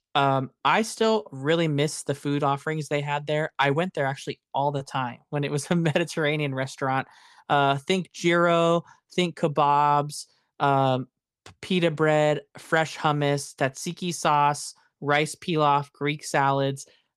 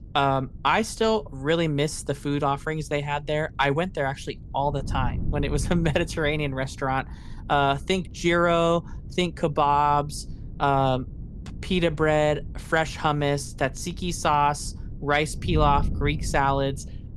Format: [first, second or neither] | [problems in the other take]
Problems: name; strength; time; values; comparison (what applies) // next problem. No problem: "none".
first | wind noise on the microphone; occasional gusts; 25 dB below the speech